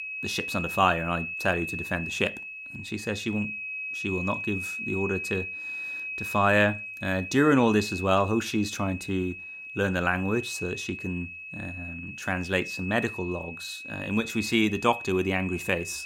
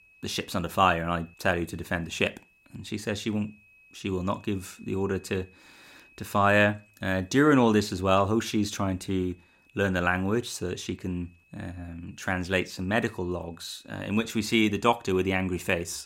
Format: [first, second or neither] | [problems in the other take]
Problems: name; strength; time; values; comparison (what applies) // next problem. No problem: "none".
second | high-pitched whine; loud; throughout; 2.5 kHz, 7 dB below the speech; faint in the second